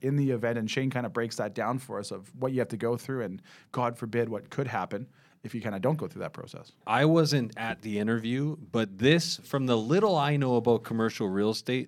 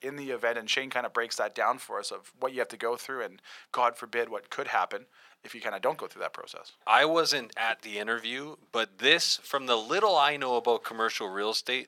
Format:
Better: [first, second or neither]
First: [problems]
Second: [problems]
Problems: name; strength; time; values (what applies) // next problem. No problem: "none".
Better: first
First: none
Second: thin; very; fading below 700 Hz